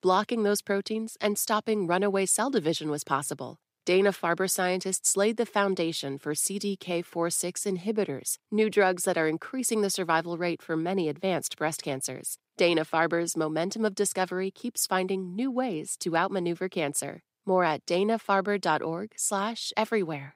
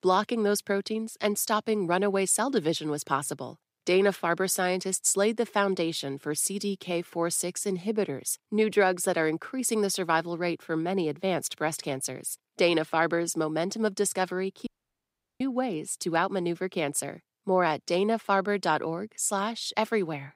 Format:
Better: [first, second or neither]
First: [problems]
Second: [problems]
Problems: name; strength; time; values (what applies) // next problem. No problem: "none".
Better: first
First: none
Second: audio cutting out; at 15 s for 0.5 s